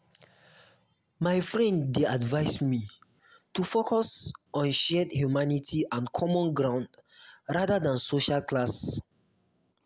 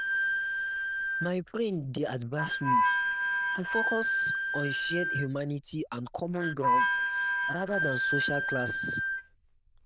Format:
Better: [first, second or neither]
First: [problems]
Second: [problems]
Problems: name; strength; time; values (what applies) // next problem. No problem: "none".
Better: first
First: none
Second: noise reduction (neural diffusion model UNIVERSE++)